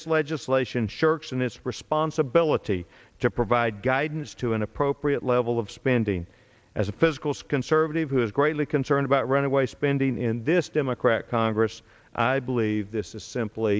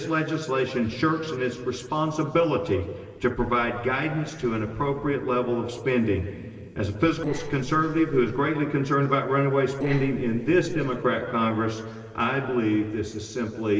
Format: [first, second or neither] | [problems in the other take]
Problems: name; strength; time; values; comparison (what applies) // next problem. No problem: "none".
first | noise reduction (neural separator model SepFormer DNS4)